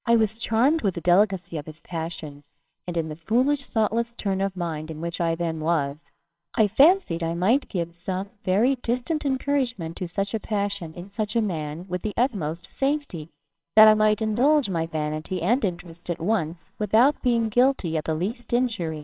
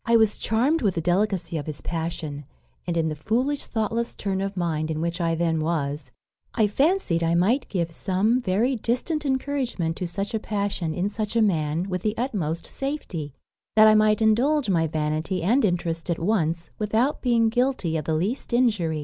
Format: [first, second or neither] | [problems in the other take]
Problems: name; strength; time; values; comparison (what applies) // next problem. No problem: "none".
second | noise reduction (neural separator model SepFormer WHAMR!)